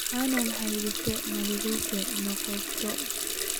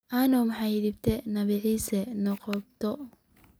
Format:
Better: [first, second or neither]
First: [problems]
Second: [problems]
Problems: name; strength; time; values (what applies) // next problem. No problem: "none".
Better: second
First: background sound (Water tap, faucet); 1 dB above the speech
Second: none